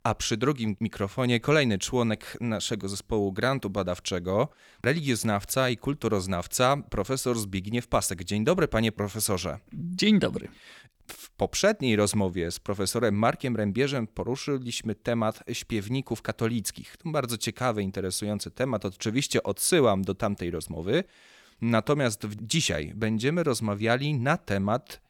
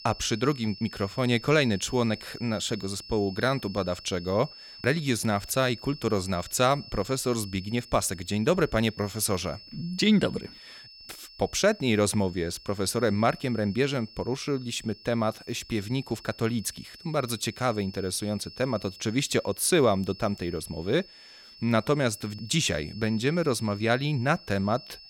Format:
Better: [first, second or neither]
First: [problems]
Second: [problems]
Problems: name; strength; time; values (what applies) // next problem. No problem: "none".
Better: first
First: none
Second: high-pitched whine; noticeable; throughout; 5 kHz, 20 dB below the speech